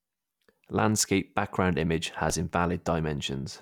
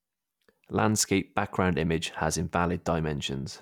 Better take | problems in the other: second | background sound (Explosion); 20 dB below the speech

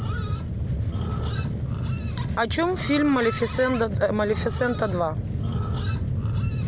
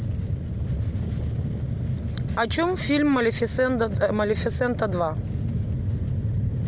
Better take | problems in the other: second | background sound (Livestock, farm animals, working animals); 16 dB below the speech

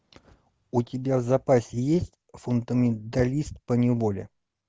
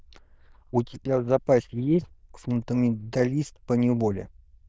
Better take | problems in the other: first | noise reduction (neural diffusion model UNIVERSE++)

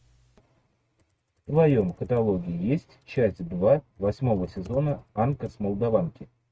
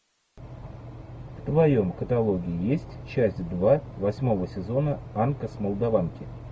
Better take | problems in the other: second | noise reduction (neural mask model RNNoise)

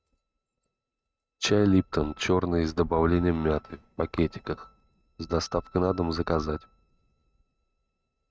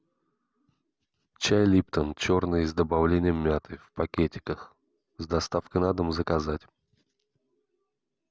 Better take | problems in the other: second | noise reduction (neural mask model RNNoise)

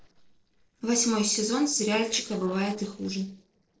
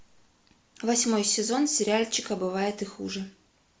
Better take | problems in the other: second | noise reduction (neural separator model SepFormer DNS4)

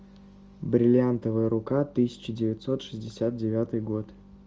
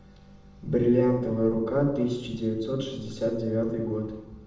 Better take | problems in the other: first | room echo; dies away in 0.8 s

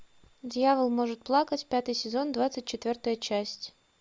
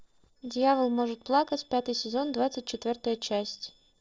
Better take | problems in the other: first | noise reduction (neural separator model SepFormer DNS4)

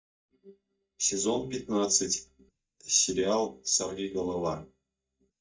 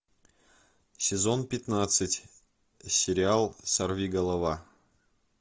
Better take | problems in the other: second | noise reduction (neural mask model DeepFilterNet 3)

